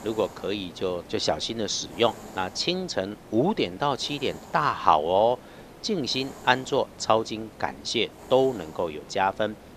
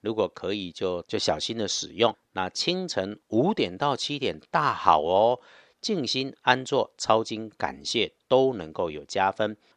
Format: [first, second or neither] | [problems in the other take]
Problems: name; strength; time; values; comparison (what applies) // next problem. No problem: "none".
second | hiss; noticeable; throughout; 20 dB below the speech